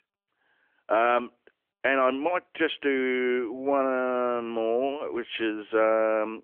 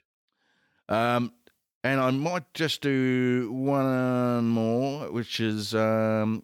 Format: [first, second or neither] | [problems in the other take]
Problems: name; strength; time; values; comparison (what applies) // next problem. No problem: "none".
second | phone-call audio; nothing above 3.5 kHz